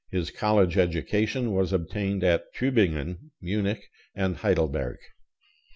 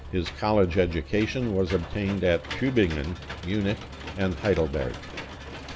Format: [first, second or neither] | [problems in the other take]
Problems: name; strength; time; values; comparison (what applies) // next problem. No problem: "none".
first | background sound (Engine / Mechanisms); 12 dB below the speech